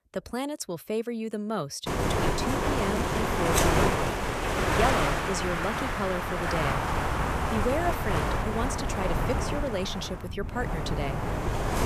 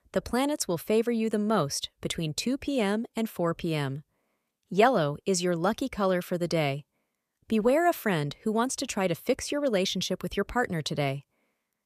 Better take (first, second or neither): second